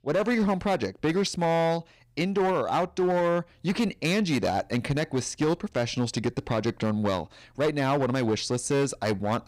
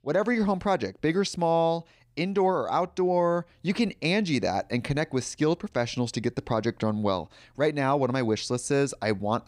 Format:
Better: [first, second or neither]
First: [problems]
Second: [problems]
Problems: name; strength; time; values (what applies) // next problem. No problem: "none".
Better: second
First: distortion; slight; 11% of the sound clipped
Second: none